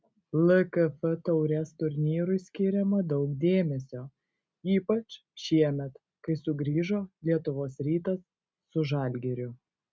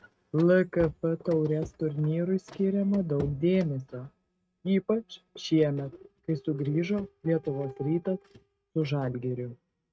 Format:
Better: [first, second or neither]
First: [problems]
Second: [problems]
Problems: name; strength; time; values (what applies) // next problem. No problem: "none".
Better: first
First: none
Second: noise reduction (neural mask model RNNoise)